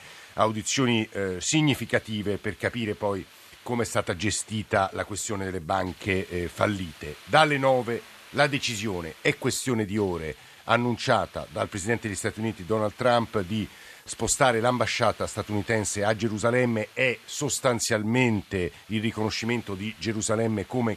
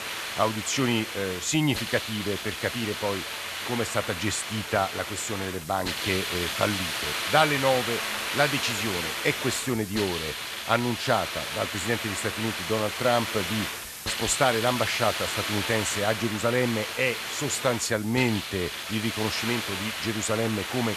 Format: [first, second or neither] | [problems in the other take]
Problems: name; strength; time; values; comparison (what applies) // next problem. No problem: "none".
first | hiss; loud; throughout; 3 dB below the speech; faint in the first